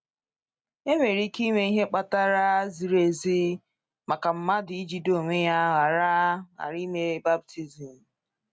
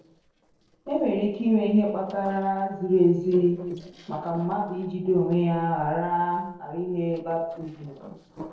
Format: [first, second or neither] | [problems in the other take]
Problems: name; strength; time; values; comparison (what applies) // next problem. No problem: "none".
first | noise reduction (neural separator model SepFormer DNS4)